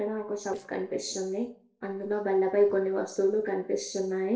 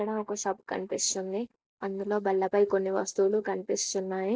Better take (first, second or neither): second